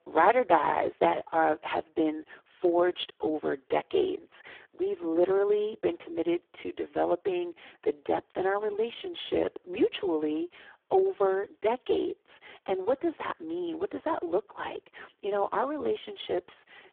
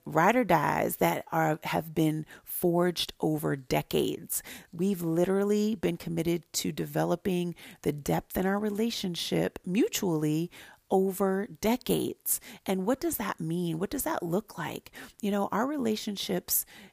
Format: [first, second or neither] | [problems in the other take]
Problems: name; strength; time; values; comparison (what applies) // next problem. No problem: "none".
second | phone-call audio; poor line; nothing above 3.5 kHz